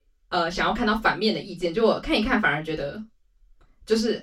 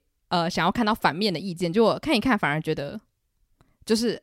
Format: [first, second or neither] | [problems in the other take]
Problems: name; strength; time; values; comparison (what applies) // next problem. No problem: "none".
second | room echo; very slight; dies away in 0.2 s // off-mic speech; far